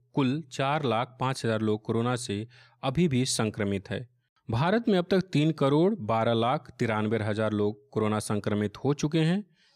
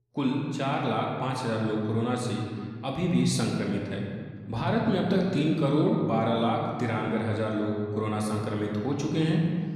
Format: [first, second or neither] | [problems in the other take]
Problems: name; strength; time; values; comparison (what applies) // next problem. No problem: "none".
first | room echo; noticeable; dies away in 1.8 s // off-mic speech; somewhat distant